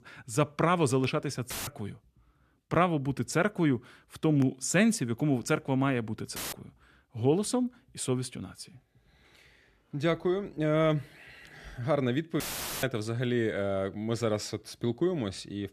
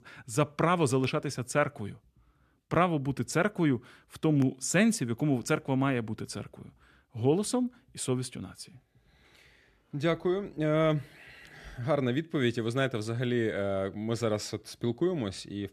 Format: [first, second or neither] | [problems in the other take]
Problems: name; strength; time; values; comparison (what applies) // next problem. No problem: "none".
second | audio cutting out; filled with static; at 1.5 s, at 6.5 s and at 12 s